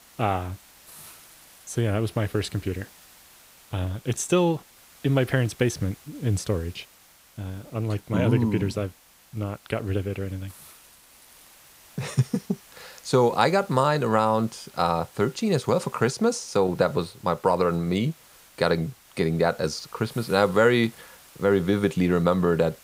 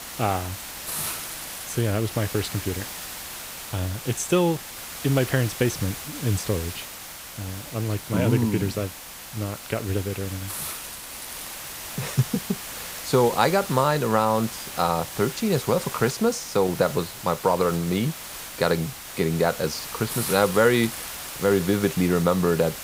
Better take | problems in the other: first | hiss; loud; throughout; 9 dB below the speech; faint in the first

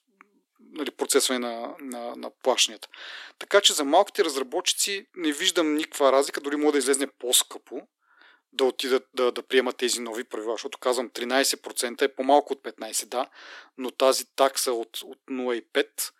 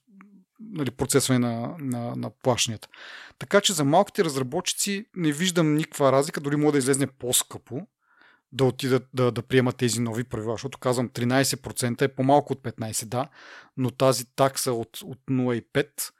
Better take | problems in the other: second | thin; somewhat; fading below 300 Hz

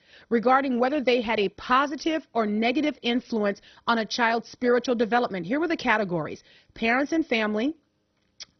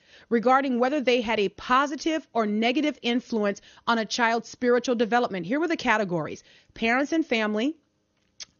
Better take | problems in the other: second | garbled, watery; badly; nothing above 6 kHz; slightly in the second

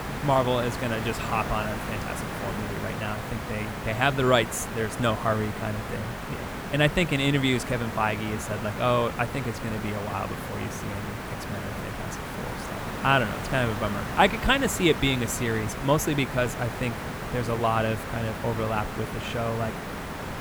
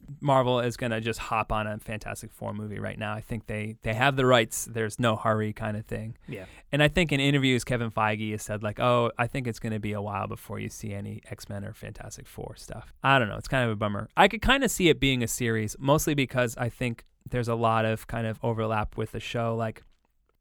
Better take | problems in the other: second | hiss; loud; throughout; 7 dB below the speech

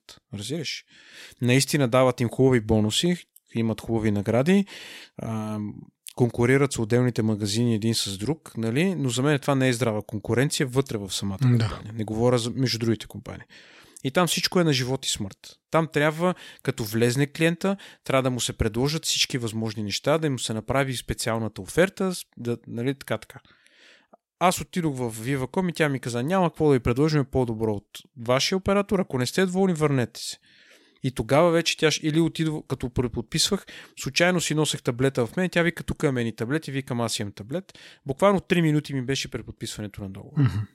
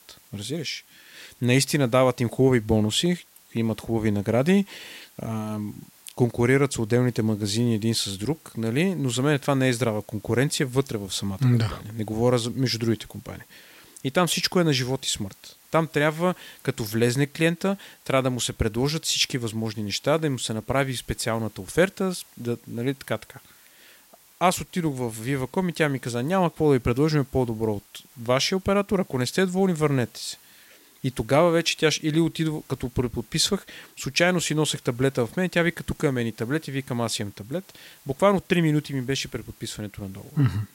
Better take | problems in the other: first | hiss; faint; throughout; 25 dB below the speech

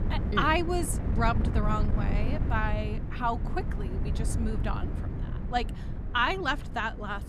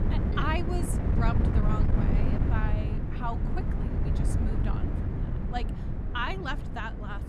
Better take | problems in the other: first | wind noise on the microphone; heavy; 4 dB below the speech; occasional gusts in the first

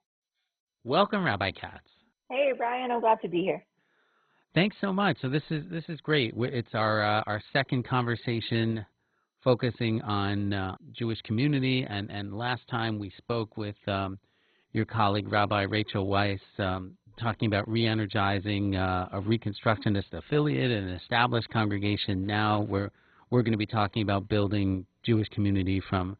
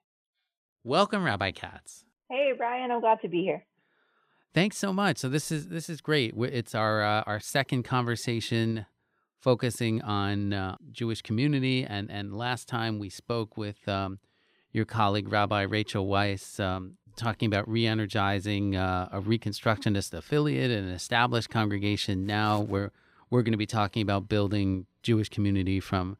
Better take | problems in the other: second | garbled, watery; badly; nothing above 4 kHz

